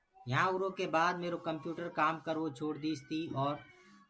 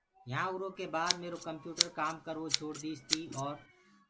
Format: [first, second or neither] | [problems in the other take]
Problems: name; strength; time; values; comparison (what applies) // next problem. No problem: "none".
first | background sound (Scissors); as loud as the speech